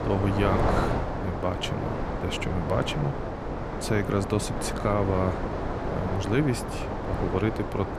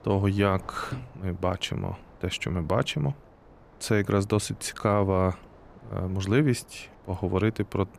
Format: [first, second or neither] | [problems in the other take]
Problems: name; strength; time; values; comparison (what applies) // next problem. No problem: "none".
second | wind noise on the microphone; heavy; 1 dB below the speech; occasional gusts in the second